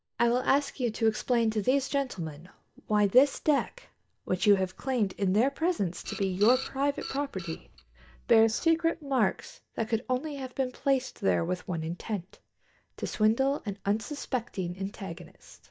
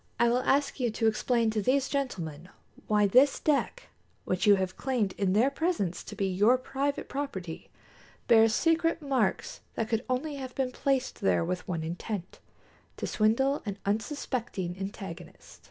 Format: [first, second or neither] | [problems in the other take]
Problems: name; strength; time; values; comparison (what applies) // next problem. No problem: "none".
second | noise reduction (neural mask model DeepFilterNet 3)